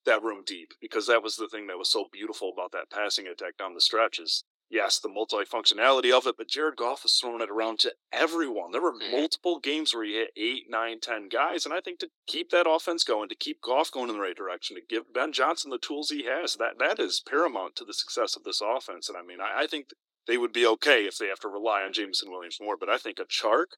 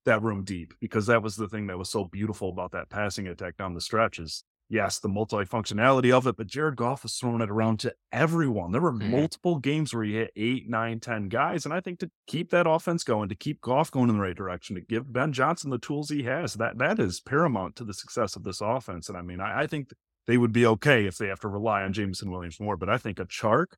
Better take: second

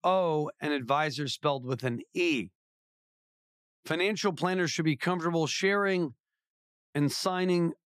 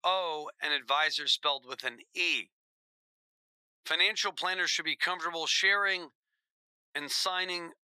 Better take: first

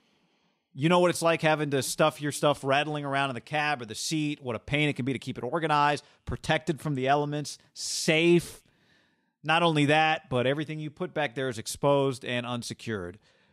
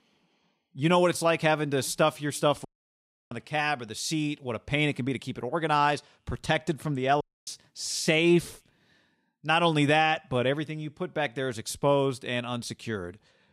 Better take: first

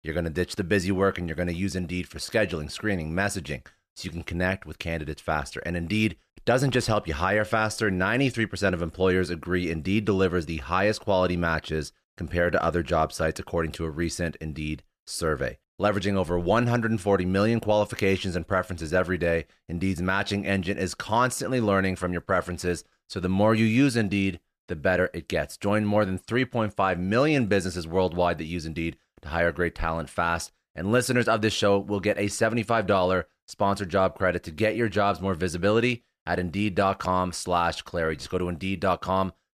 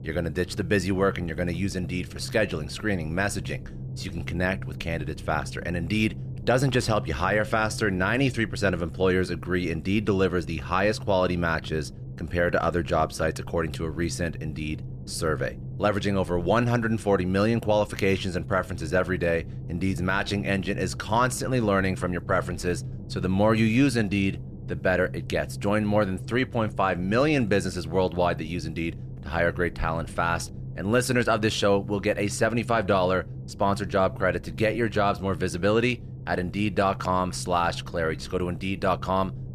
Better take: first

